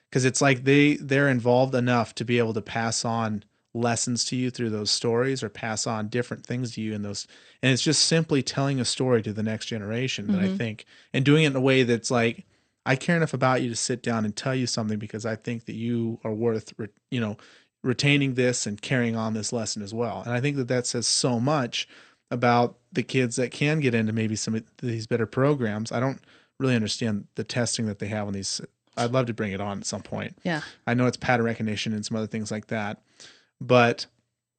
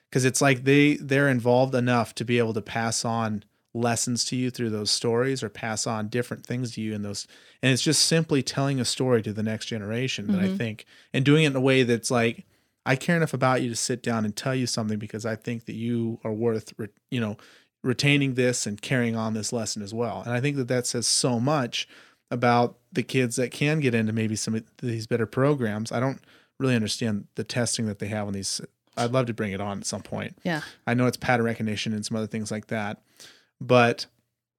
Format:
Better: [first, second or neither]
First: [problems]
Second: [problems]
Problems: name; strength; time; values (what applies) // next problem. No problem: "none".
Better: second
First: garbled, watery; slightly; nothing above 8.5 kHz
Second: none